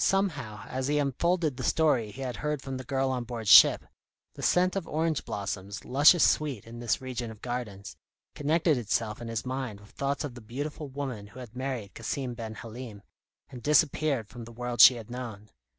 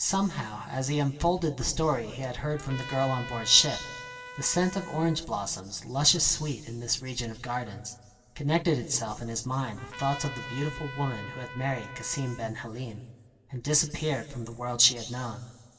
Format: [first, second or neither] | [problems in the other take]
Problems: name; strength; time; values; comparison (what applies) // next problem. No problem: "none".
first | background sound (Trumpet); 13 dB below the speech // room echo; dies away in 1.8 s